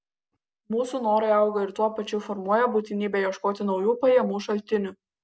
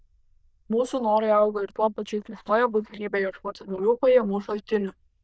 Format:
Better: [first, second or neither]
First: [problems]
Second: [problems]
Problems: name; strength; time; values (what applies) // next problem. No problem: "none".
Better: first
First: none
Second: noise reduction (neural diffusion model UNIVERSE++)